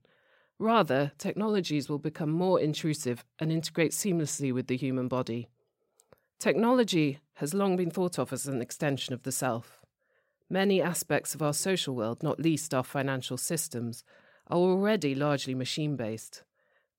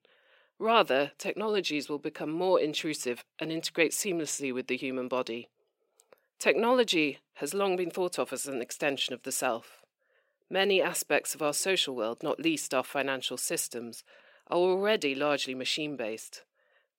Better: first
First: none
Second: thin; somewhat; fading below 400 Hz

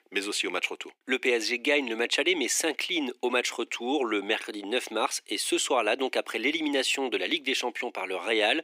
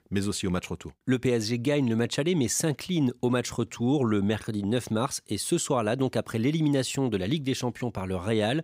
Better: second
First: thin; somewhat; fading below 300 Hz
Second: none

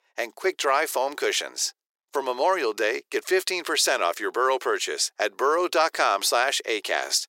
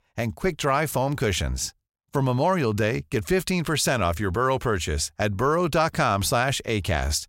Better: second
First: thin; very; fading below 350 Hz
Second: none

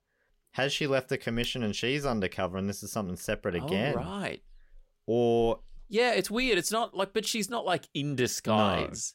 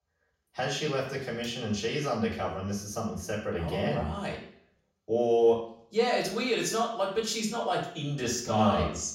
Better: first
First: none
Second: room echo; noticeable; dies away in 0.5 s // off-mic speech; far

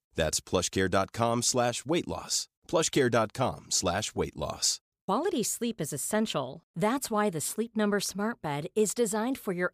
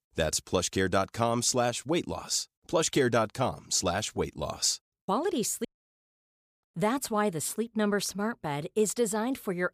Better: first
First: none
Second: audio cutting out; at 5.5 s for 1 s

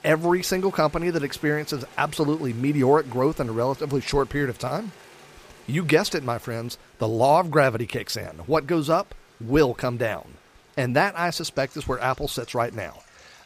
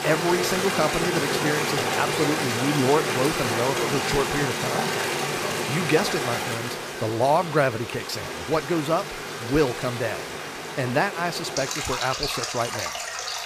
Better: first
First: rain or running water; faint; throughout; 25 dB below the speech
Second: rain or running water; loud; throughout; 1 dB below the speech

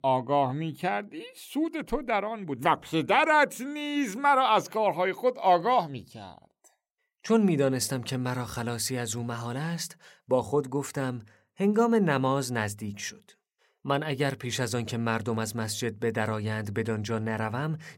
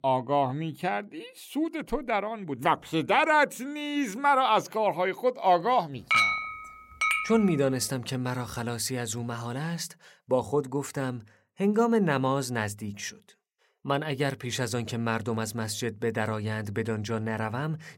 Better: first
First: none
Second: clattering dishes; loud; from 6 to 7.5 s; peak 6 dB above the speech

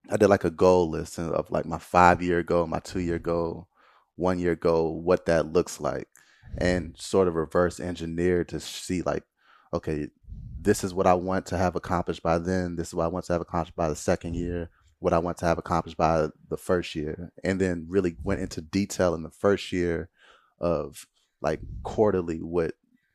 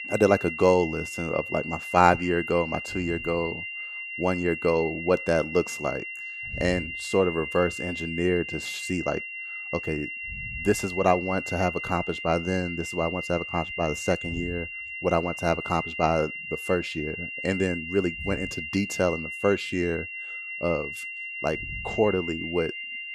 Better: first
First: none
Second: high-pitched whine; loud; throughout; 3 kHz, 6 dB below the speech

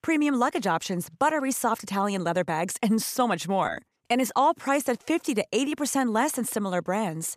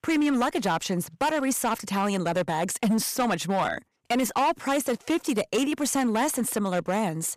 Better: first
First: none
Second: distortion; slight; 10% of the sound clipped

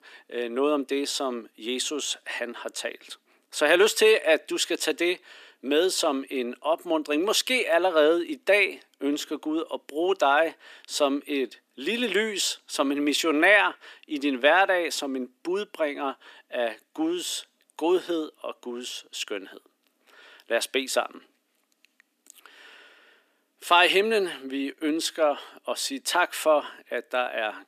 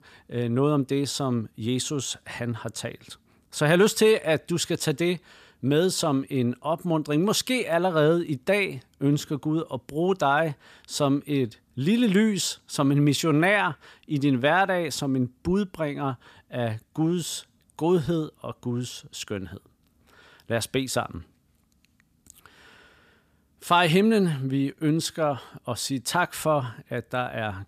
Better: second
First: thin; somewhat; fading below 300 Hz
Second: none

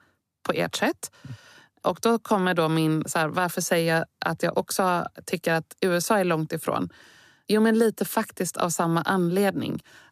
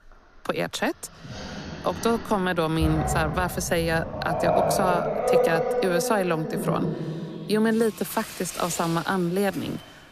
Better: first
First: none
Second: animal sounds; loud; throughout; 2 dB below the speech

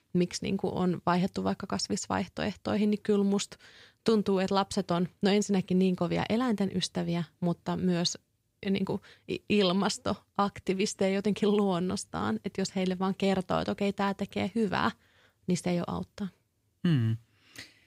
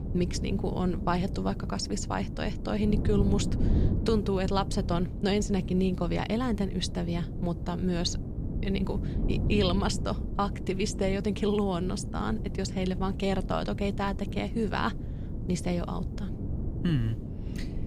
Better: first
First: none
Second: wind noise on the microphone; occasional gusts; 10 dB below the speech

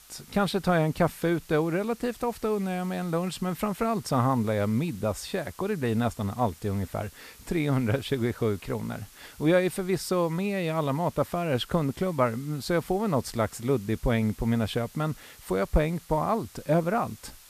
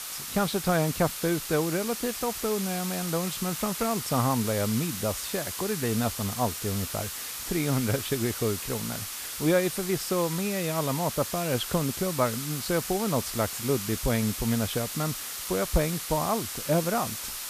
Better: first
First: hiss; faint; throughout; 20 dB below the speech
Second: hiss; loud; throughout; 4 dB below the speech

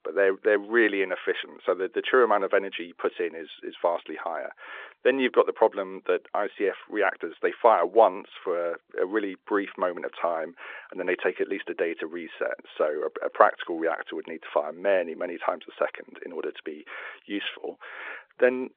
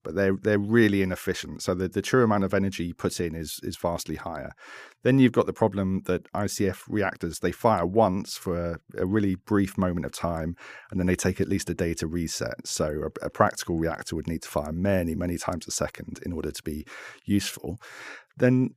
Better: second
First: phone-call audio; nothing above 3.5 kHz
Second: none

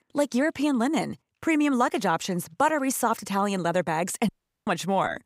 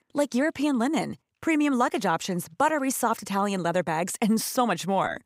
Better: second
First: audio cutting out; at 4.5 s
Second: none

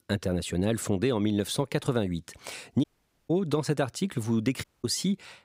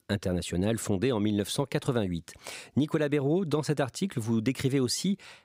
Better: second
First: audio cutting out; at 3 s and at 4.5 s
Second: none

